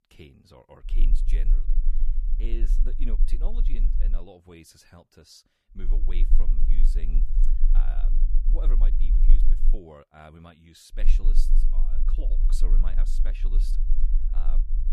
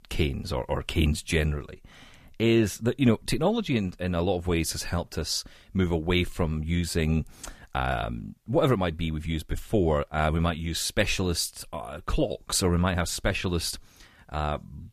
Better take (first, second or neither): second